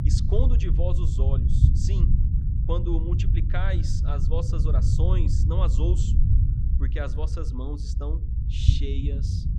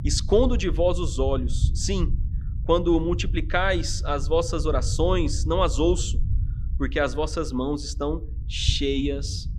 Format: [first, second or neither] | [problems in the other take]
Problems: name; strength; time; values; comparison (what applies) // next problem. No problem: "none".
second | low rumble; loud; throughout; 3 dB below the speech; faint in the second